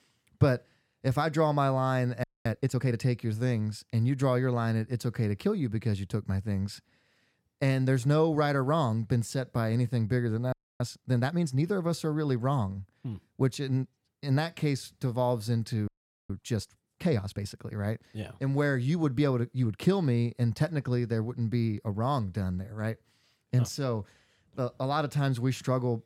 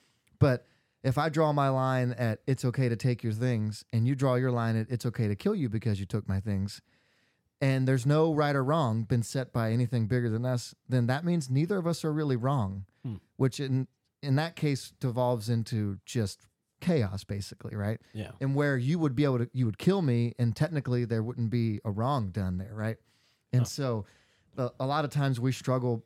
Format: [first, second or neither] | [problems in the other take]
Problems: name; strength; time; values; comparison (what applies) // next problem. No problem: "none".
second | audio freezing; at 2 s, at 11 s and at 16 s